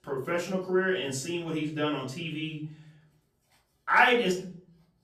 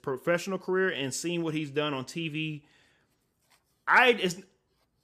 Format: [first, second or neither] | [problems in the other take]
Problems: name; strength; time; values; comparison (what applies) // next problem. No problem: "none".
second | off-mic speech; far // room echo; slight; dies away in 0.5 s